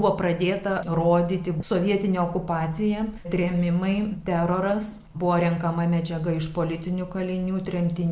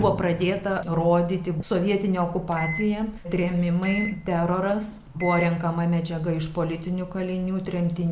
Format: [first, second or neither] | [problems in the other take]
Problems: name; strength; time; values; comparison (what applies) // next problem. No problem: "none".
first | background sound (Microwave oven); 15 dB below the speech